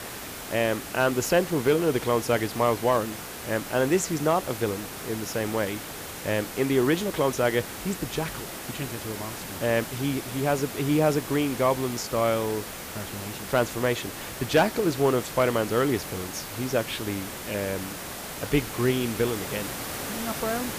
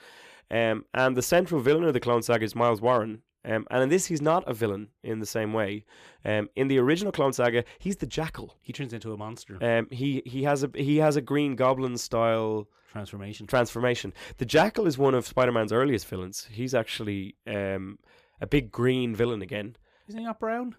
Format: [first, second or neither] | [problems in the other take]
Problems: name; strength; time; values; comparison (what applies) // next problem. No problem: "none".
second | hiss; loud; throughout; 8 dB below the speech